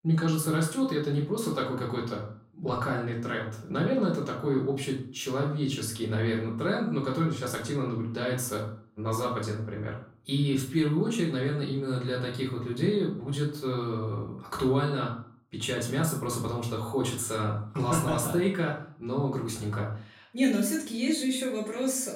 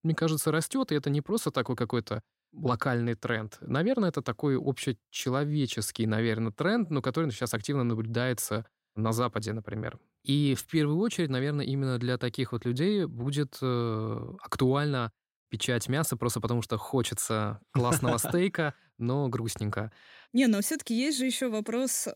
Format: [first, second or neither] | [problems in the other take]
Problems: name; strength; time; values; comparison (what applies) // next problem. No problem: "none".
second | room echo; slight; dies away in 0.4 s // off-mic speech; far